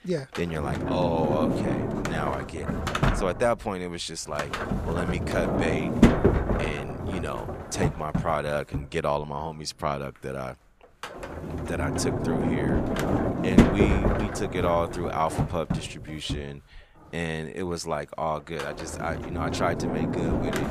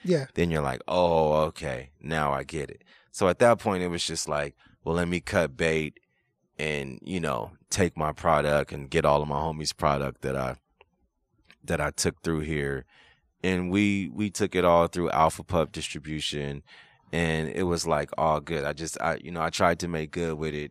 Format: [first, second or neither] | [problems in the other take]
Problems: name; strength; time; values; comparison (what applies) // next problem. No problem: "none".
second | household noises; very loud; throughout; 3 dB above the speech